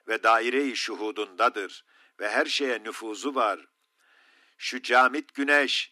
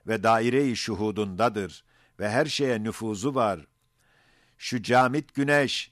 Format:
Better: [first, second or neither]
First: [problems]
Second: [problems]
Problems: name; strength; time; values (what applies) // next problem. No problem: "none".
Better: second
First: thin; somewhat; fading below 250 Hz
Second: none